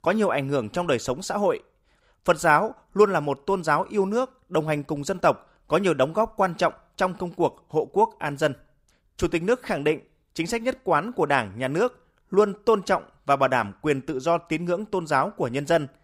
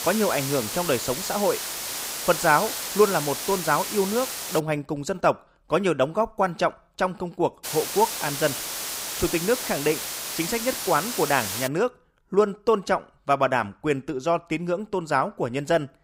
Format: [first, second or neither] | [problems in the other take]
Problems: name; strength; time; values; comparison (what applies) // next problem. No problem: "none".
first | hiss; loud; until 4.5 s and from 7.5 to 12 s; 4 dB below the speech